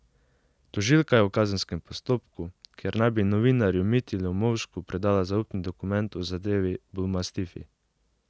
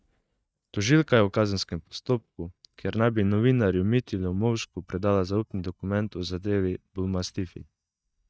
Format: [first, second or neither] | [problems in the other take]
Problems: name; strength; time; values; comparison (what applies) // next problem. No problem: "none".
first | noise reduction (neural mask model DeepFilterNet 3)